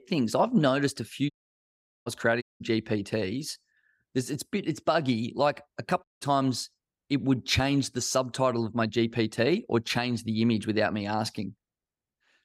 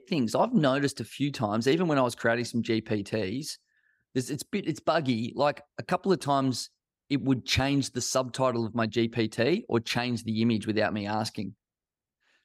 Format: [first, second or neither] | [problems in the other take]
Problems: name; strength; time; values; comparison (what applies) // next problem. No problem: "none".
second | audio cutting out; at 1.5 s for 1 s, at 2.5 s and at 6 s